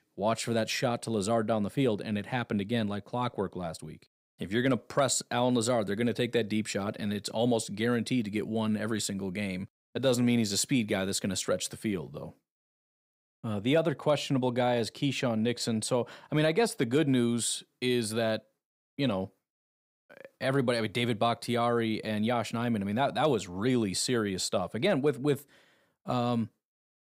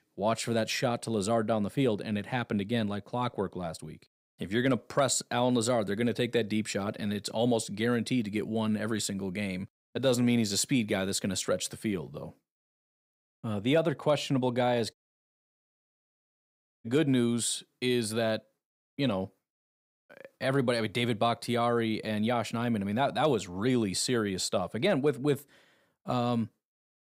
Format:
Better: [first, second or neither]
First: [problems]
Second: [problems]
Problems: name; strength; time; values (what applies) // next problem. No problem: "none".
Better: first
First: none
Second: audio cutting out; at 15 s for 2 s